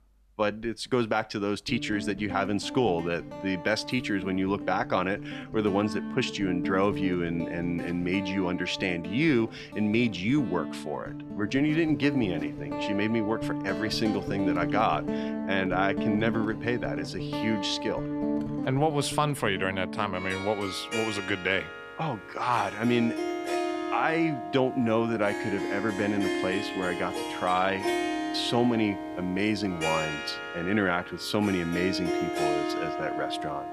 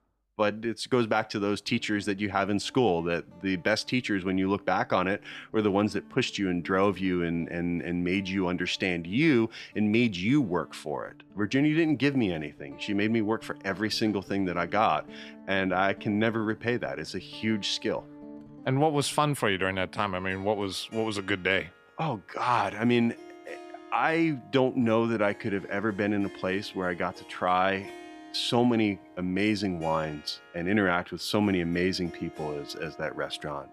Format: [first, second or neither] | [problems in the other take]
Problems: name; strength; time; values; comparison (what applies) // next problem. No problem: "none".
second | background music; loud; throughout; 5 dB below the speech; faint in the second